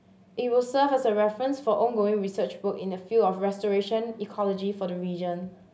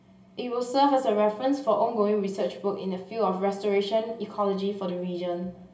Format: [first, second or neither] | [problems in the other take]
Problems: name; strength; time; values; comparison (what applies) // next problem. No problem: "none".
first | room echo; dies away in 1.4 s